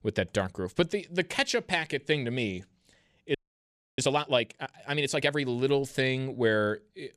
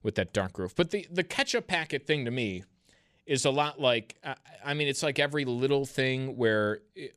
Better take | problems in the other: second | audio freezing; at 3.5 s for 0.5 s

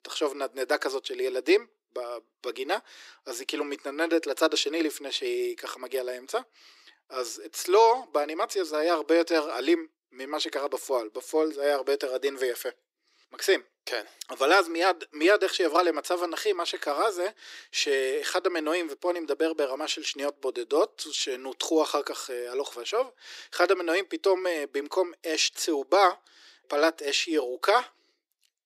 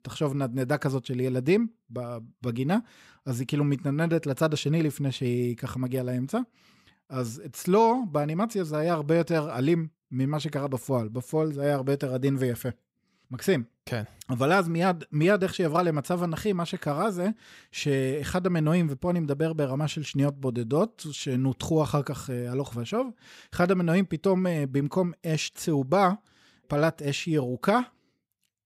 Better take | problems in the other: second | thin; very; fading below 300 Hz

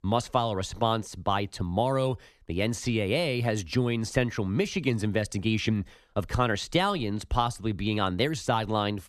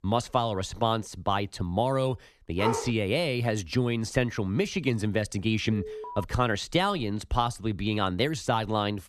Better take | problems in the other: first | dog barking; noticeable; at 2.5 s; peak 2 dB below the speech // alarm; faint; at 5.5 s; peak 10 dB below the speech

